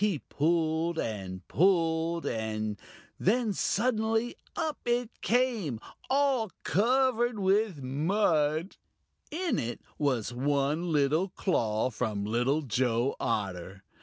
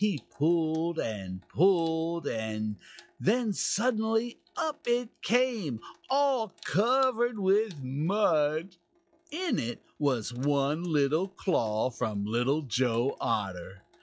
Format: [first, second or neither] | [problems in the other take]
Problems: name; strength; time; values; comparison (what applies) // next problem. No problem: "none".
first | noise reduction (classical method log-MMSE)